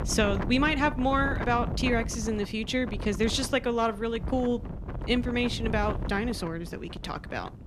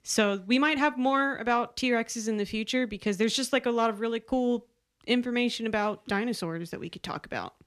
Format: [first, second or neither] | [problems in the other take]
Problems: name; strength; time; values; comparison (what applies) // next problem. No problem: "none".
second | wind noise on the microphone; occasional gusts; 15 dB below the speech